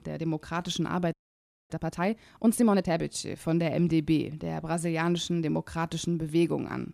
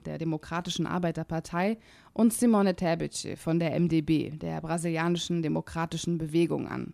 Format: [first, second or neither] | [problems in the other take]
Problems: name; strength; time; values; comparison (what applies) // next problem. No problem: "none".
second | audio freezing; at 1 s for 0.5 s